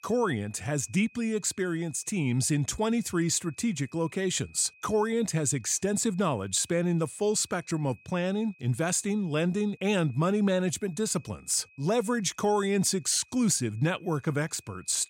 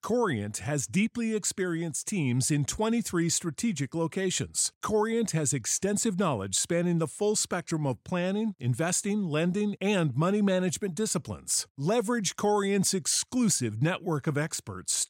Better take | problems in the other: second | high-pitched whine; faint; throughout; 2.5 kHz, 30 dB below the speech

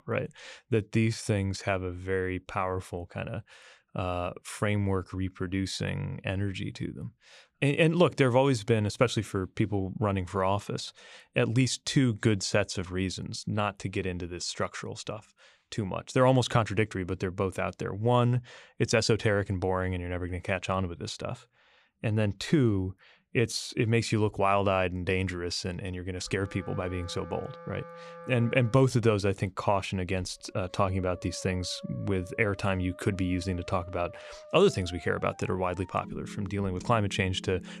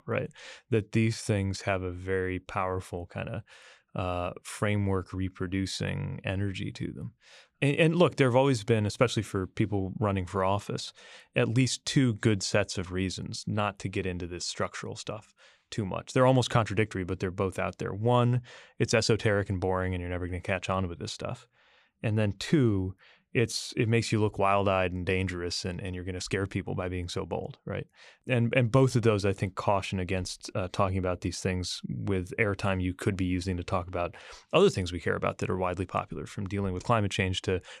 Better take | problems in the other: second | background music; noticeable; from 26 s on; 20 dB below the speech

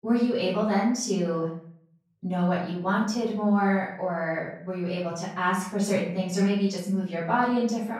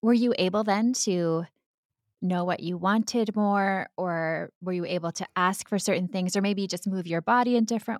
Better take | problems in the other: second | off-mic speech; far // room echo; noticeable; dies away in 0.6 s

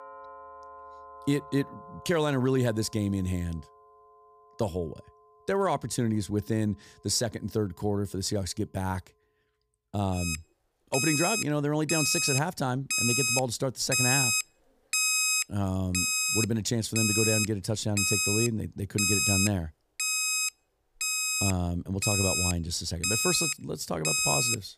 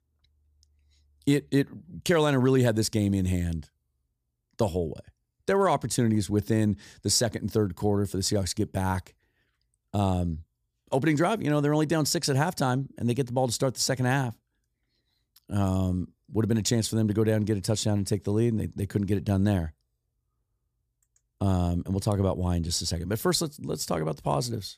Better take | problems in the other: second | alarms or sirens; very loud; throughout; 3 dB above the speech

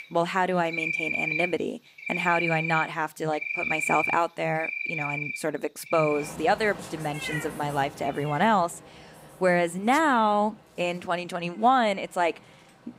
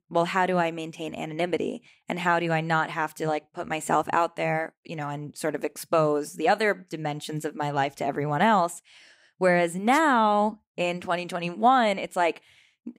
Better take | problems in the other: second | animal sounds; loud; throughout; 4 dB below the speech

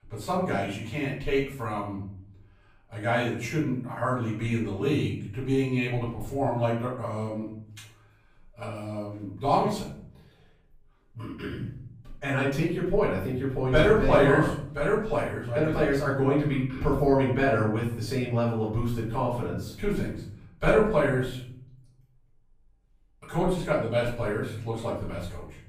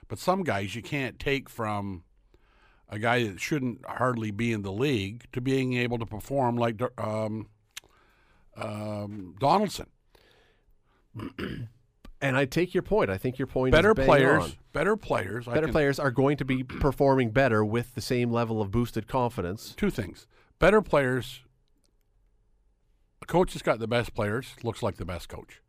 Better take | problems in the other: second | off-mic speech; far // room echo; noticeable; dies away in 0.6 s

